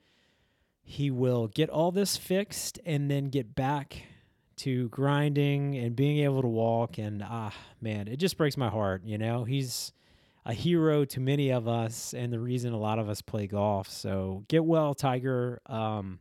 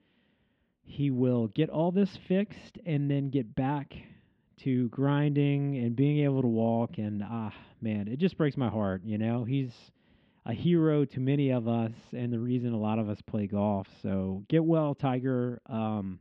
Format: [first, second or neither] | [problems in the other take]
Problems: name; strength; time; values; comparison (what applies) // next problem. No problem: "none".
first | muffled; very; fading above 3 kHz